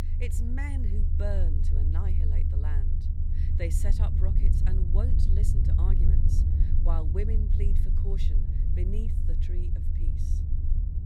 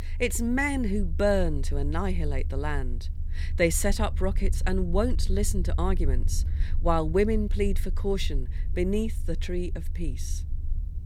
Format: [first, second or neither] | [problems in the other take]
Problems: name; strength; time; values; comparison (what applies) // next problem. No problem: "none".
second | low rumble; loud; throughout; 1 dB below the speech; faint in the second